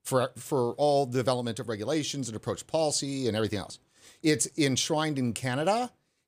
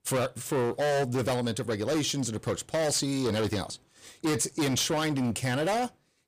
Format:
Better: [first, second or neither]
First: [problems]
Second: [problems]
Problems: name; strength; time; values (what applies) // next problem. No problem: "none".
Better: first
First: none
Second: distortion; heavy; 20% of the sound clipped